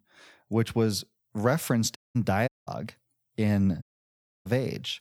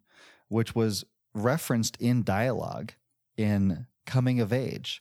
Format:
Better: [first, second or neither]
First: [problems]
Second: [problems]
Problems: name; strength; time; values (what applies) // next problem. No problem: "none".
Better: second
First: audio cutting out; at 2 s, at 2.5 s and at 4 s for 0.5 s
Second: none